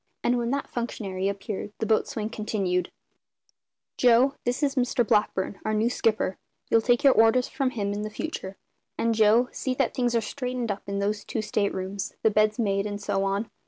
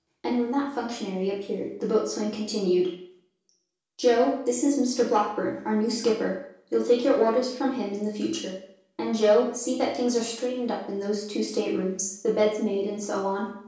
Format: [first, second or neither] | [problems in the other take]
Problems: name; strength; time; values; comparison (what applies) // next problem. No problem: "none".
first | room echo; dies away in 0.6 s